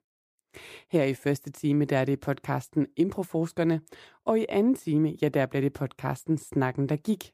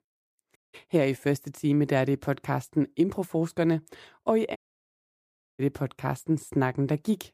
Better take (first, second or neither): first